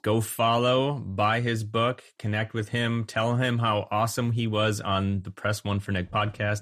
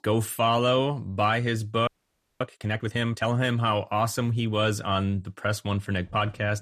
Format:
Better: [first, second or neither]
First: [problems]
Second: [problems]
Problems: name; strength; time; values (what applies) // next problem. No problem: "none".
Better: first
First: none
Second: audio freezing; at 2 s for 0.5 s